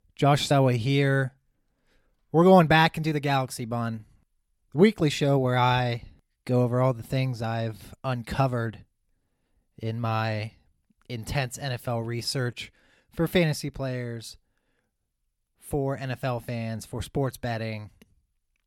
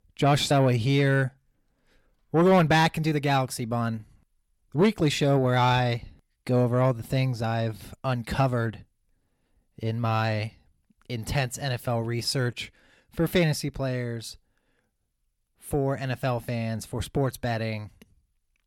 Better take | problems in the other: first | distortion; slight; 10 dB below the speech

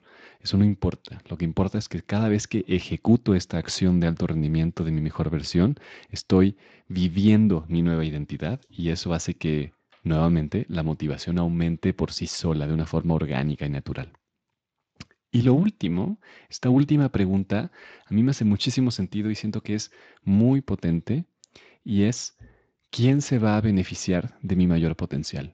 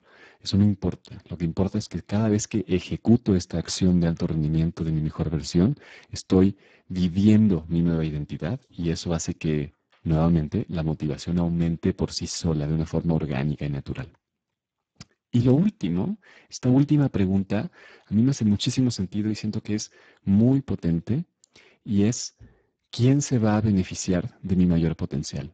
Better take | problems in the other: first | garbled, watery; badly; nothing above 7.5 kHz; slightly in the first

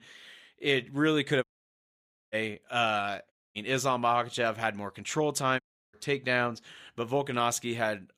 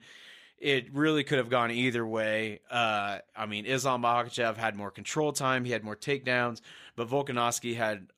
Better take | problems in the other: second | audio cutting out; at 1.5 s for 1 s, at 3.5 s and at 5.5 s

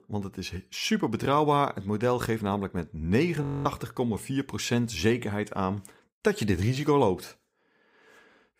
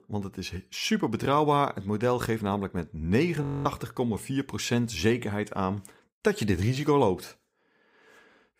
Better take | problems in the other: neither | audio freezing; at 3.5 s; the same in both

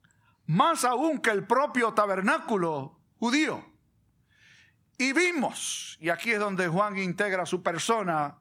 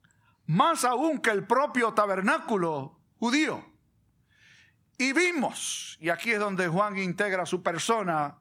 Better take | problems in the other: neither | none

